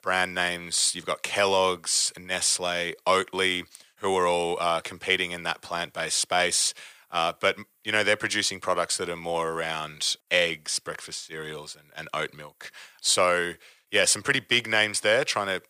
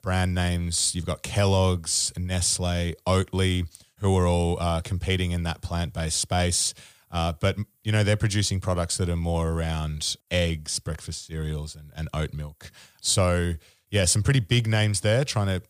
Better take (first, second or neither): second